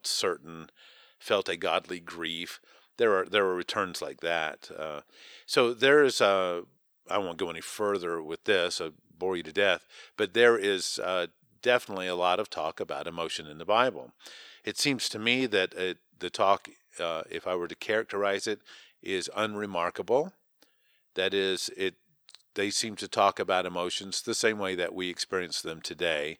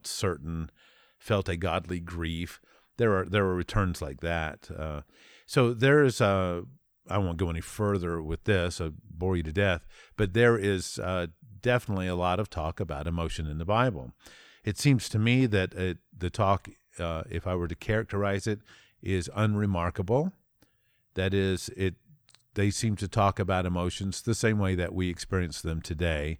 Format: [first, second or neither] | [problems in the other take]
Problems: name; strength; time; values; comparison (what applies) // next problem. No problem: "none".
second | thin; somewhat; fading below 400 Hz